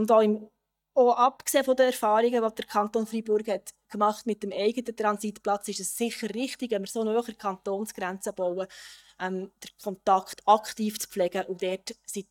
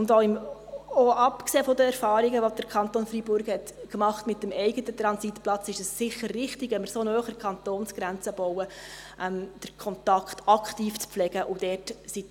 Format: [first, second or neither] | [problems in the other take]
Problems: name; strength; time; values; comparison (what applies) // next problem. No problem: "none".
second | noise reduction (neural mask model DeepFilterNet 3)